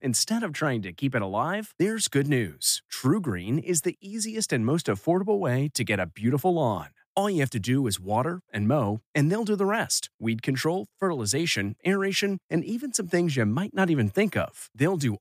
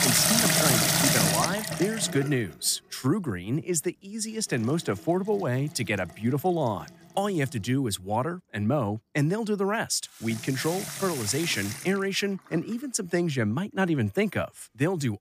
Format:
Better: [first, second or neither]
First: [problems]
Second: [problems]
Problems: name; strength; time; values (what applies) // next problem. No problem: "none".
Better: first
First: none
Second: household noises; very loud; throughout; 3 dB above the speech